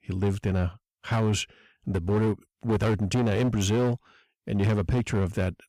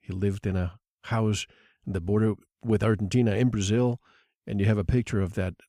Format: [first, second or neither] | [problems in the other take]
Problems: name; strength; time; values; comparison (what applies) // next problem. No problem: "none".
second | distortion; slight; 14% of the sound clipped